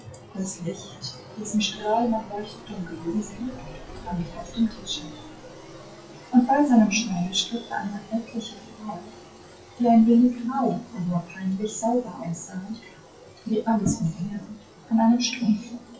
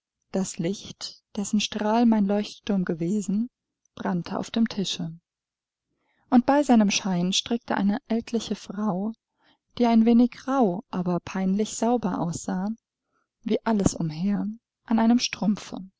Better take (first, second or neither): second